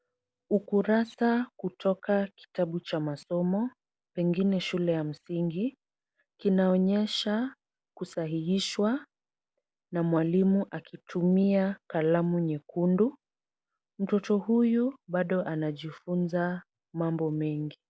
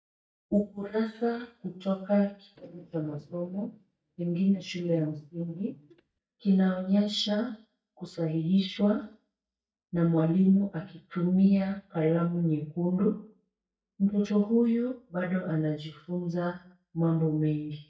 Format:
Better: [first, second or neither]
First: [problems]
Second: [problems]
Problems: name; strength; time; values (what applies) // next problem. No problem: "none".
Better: first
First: none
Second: noise reduction (neural mask model DeepFilterNet 3)